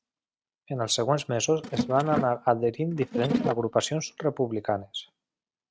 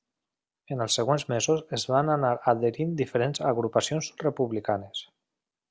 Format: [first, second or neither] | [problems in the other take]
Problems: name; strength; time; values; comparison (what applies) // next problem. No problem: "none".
second | noise reduction (neural mask model RNNoise)